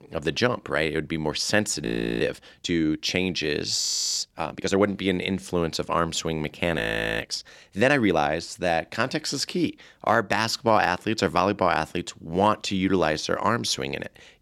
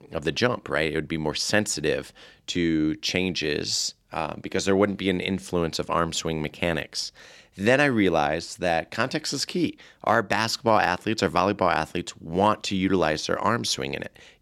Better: second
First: audio freezing; at 2 s, at 4 s and at 7 s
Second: none

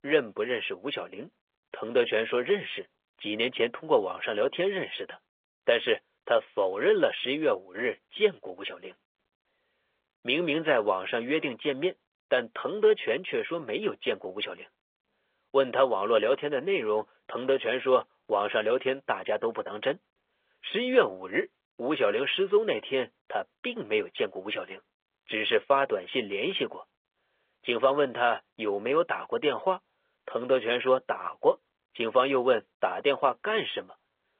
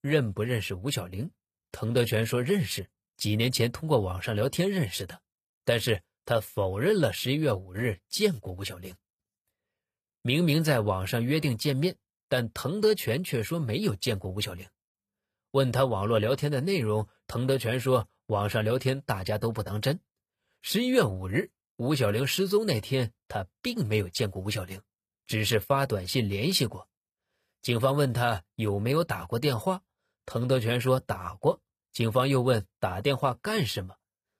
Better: second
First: phone-call audio; nothing above 3.5 kHz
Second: none

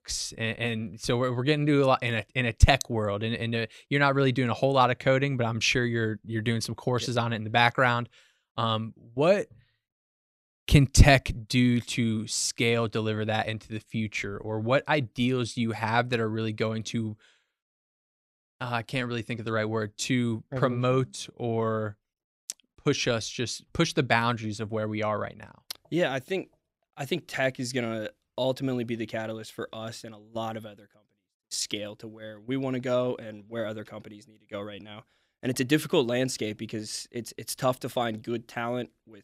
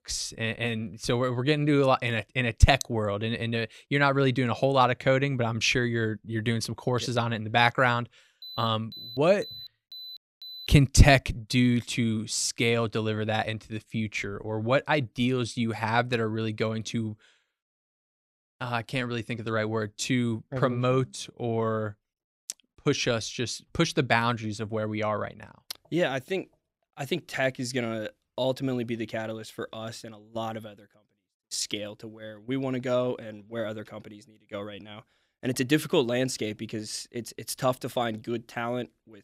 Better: first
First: none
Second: alarm; faint; from 8.5 to 11 s; peak 15 dB below the speech

